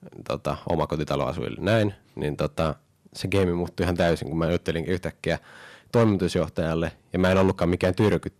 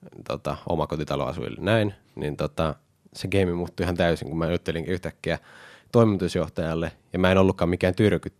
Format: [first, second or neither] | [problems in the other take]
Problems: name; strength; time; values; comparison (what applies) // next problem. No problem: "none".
second | distortion; slight; 3% of the sound clipped